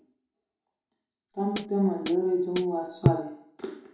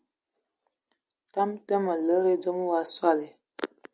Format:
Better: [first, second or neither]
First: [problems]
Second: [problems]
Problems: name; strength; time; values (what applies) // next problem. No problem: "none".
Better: second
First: background sound (Hi-hat); 1 dB below the speech // room echo; dies away in 0.6 s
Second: none